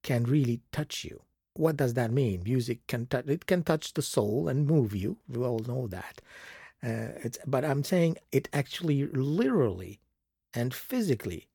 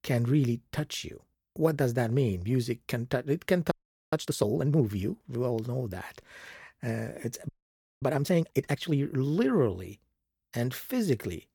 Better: first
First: none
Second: audio freezing; at 3.5 s and at 7.5 s for 0.5 s

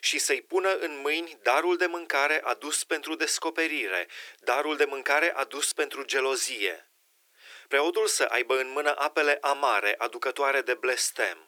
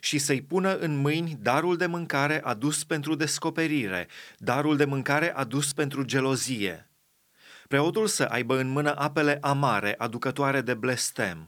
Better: second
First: thin; very; fading below 350 Hz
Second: none

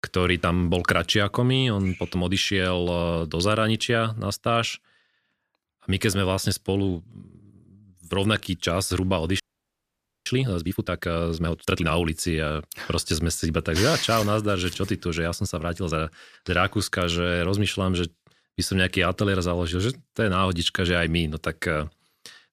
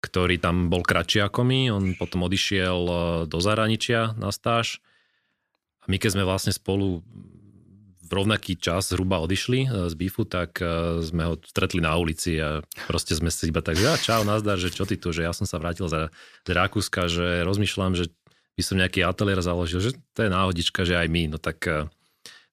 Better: second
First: audio freezing; at 9.5 s for 1 s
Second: none

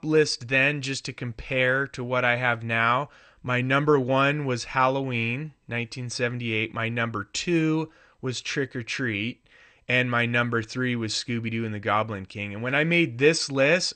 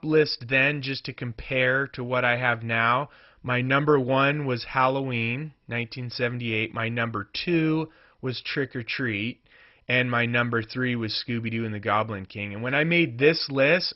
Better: first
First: garbled, watery; slightly; nothing above 8.5 kHz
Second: garbled, watery; badly; nothing above 5.5 kHz

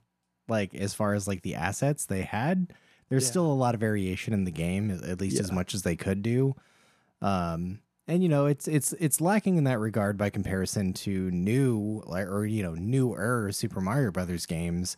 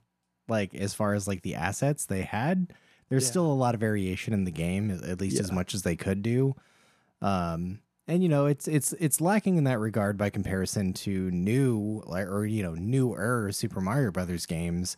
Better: neither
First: none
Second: none

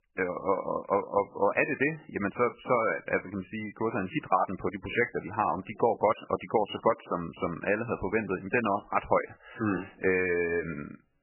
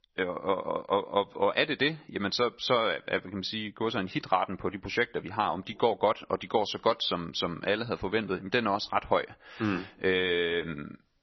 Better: second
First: garbled, watery; badly; nothing above 2.5 kHz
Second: garbled, watery; slightly; nothing above 6 kHz

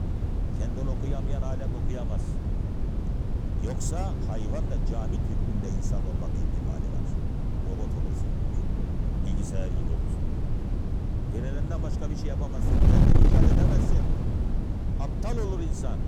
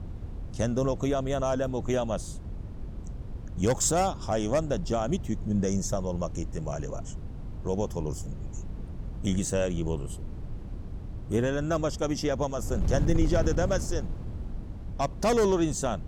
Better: second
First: wind noise on the microphone; heavy; 2 dB above the speech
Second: wind noise on the microphone; occasional gusts; 20 dB below the speech

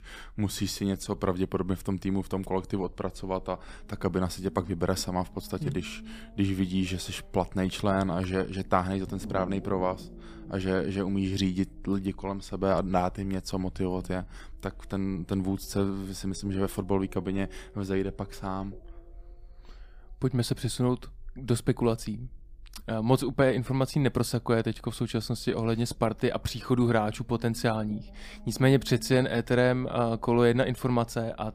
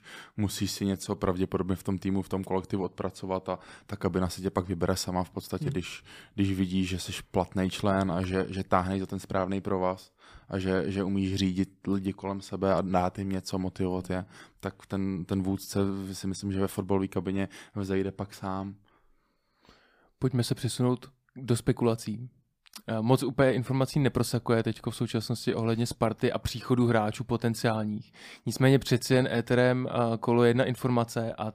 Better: second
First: low rumble; faint; throughout; 25 dB below the speech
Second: none

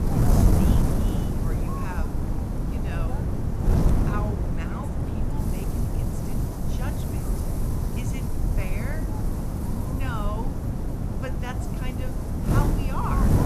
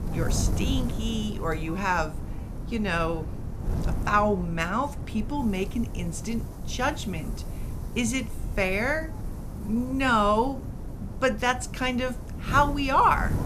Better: second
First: wind noise on the microphone; heavy; 3 dB above the speech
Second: wind noise on the microphone; occasional gusts; 15 dB below the speech

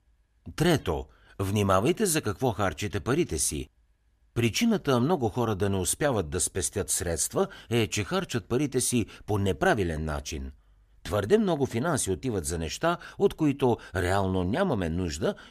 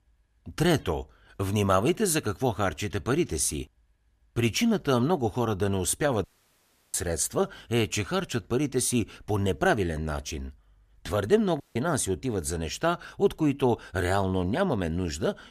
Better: first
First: none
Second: audio cutting out; at 6 s for 0.5 s and at 12 s

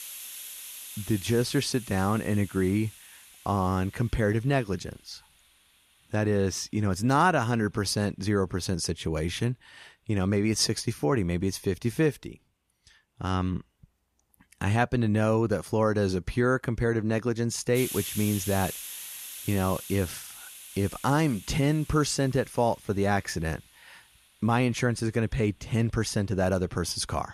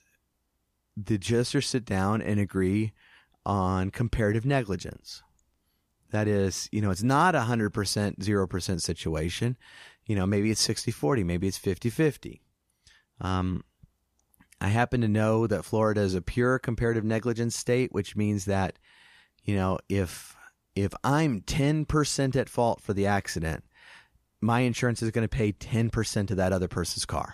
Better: second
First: hiss; noticeable; throughout; 10 dB below the speech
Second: none

